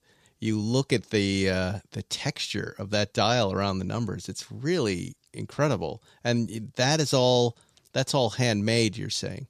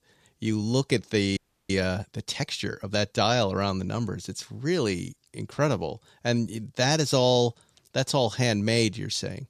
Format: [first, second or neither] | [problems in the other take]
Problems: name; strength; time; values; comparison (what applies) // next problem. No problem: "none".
first | audio freezing; at 1.5 s